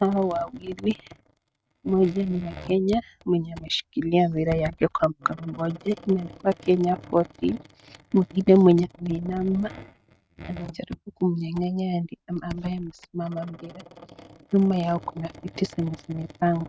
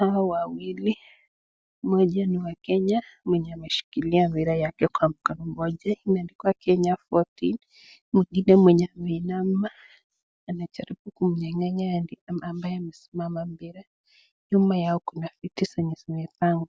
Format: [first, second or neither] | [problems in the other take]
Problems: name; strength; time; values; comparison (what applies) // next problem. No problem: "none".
second | noise reduction (neural mask model RNNoise)